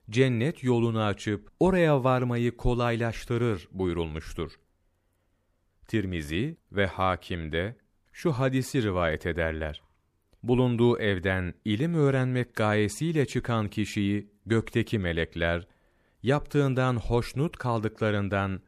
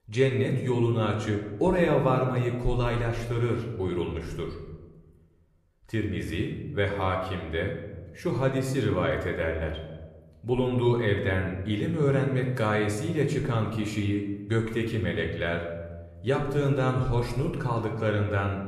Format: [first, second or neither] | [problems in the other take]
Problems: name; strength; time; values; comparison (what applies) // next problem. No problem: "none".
first | room echo; slight; dies away in 1 s // off-mic speech; somewhat distant